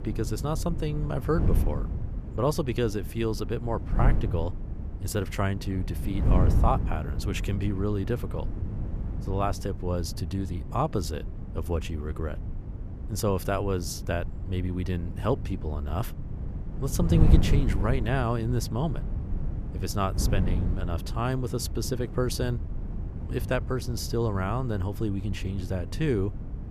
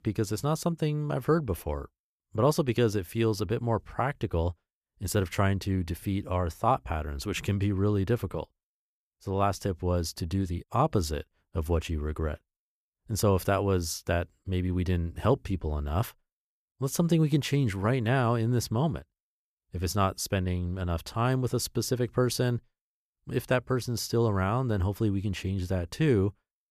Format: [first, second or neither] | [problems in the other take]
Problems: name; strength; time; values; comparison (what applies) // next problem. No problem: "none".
second | wind noise on the microphone; occasional gusts; 10 dB below the speech